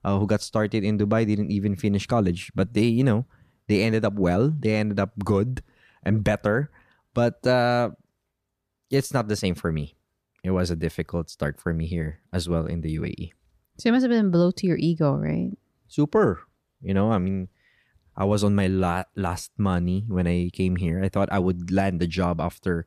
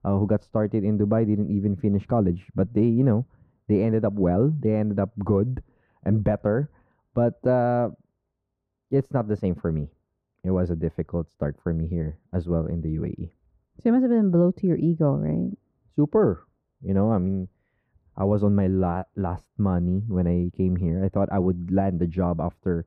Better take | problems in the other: first | muffled; very; fading above 2 kHz

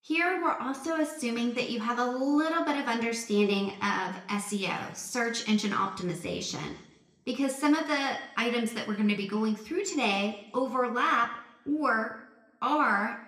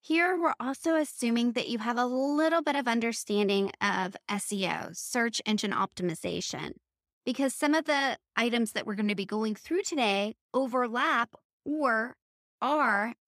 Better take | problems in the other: second | room echo; very slight; dies away in 0.7 s

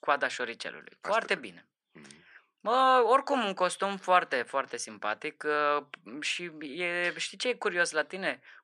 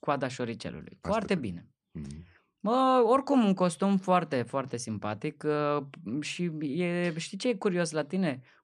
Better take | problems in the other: second | thin; somewhat; fading below 500 Hz

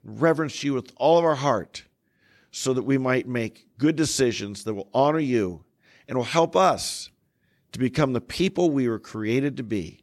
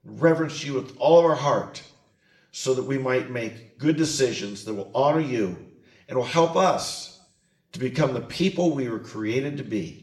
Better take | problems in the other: first | room echo; slight; dies away in 0.5 s // off-mic speech; somewhat distant

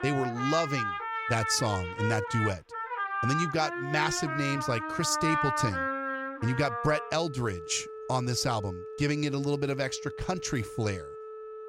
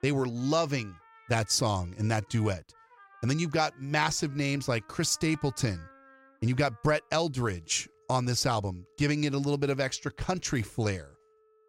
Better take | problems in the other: second | background music; loud; throughout; 4 dB below the speech; faint in the second

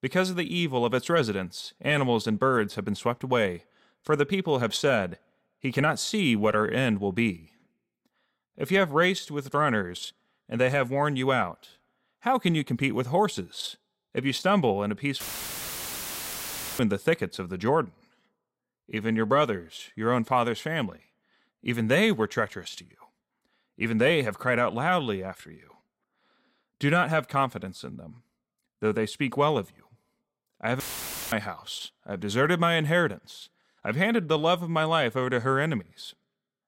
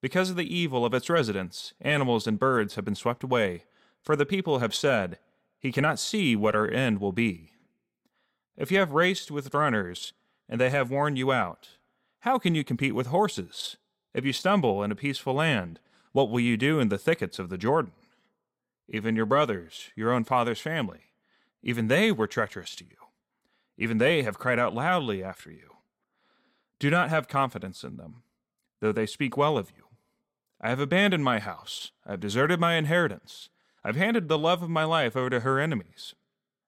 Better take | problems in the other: second | audio cutting out; filled with static; at 15 s for 1.5 s and at 31 s for 0.5 s

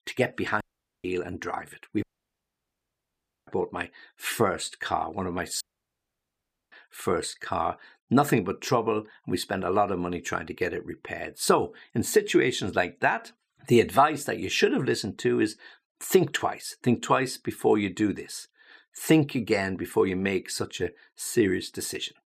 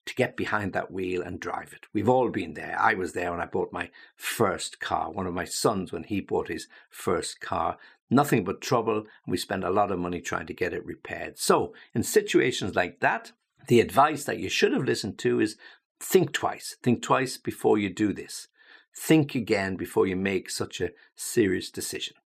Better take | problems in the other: second | audio cutting out; at 0.5 s, at 2 s for 1.5 s and at 5.5 s for 1 s

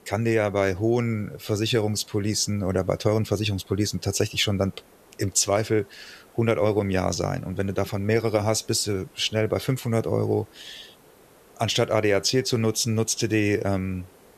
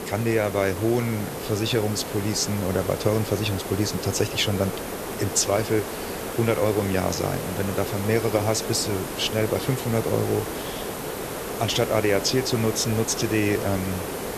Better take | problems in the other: first | hiss; loud; throughout; 6 dB below the speech; faint in the first

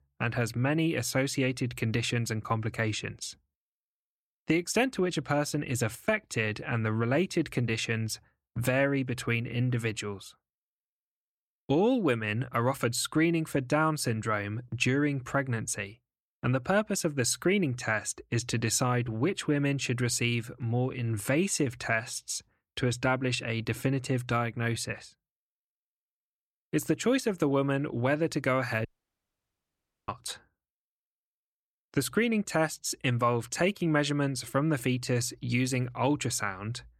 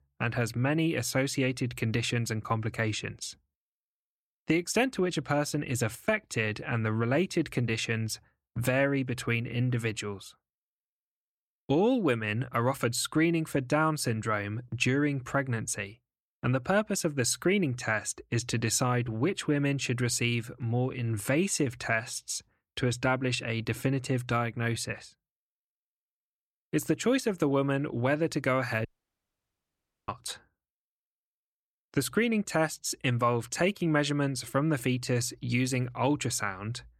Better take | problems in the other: neither | audio cutting out; at 29 s for 1 s; the same in both

